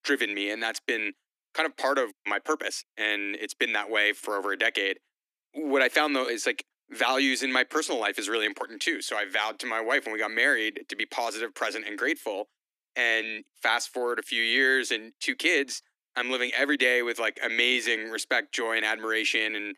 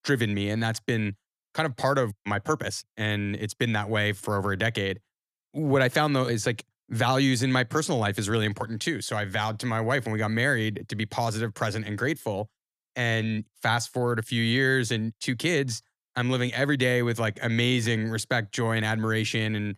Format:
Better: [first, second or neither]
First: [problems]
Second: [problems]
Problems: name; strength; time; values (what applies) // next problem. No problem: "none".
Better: second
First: thin; somewhat; fading below 300 Hz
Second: none